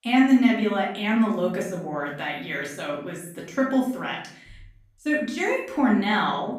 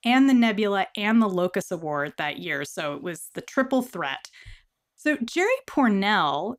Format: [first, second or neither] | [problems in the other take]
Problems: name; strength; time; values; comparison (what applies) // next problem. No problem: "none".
second | off-mic speech; far // room echo; noticeable; dies away in 0.6 s